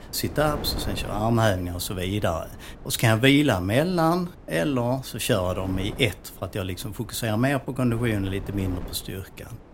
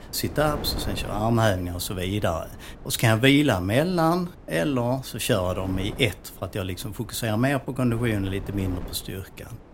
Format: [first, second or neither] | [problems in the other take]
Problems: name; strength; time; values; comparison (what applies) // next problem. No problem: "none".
neither | wind noise on the microphone; occasional gusts; 20 dB below the speech; the same in both